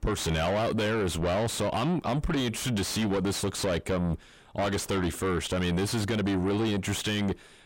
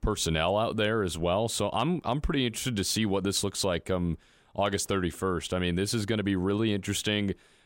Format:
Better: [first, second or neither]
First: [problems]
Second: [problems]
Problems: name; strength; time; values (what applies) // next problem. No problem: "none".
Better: second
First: distortion; heavy; 6 dB below the speech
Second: none